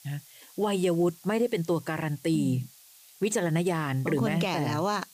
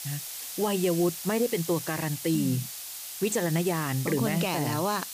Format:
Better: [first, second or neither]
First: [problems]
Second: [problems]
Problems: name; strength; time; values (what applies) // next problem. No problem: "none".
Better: first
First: hiss; faint; throughout; 25 dB below the speech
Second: hiss; loud; throughout; 7 dB below the speech